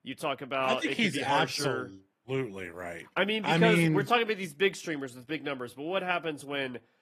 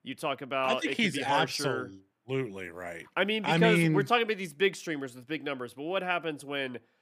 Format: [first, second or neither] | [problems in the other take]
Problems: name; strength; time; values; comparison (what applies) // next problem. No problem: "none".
second | garbled, watery; slightly; nothing above 14 kHz